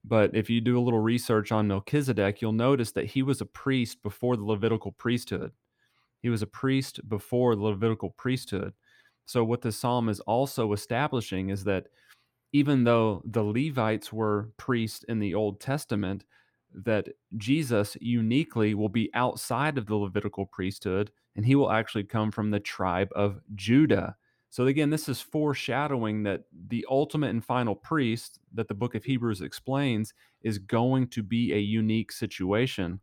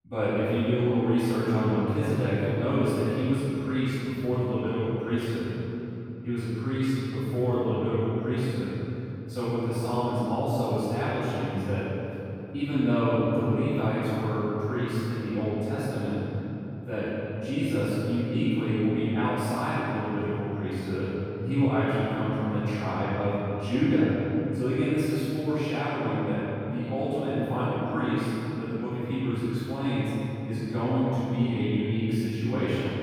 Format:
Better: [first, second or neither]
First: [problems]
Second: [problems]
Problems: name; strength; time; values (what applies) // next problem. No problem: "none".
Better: first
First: none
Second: off-mic speech; far // room echo; strong; dies away in 3 s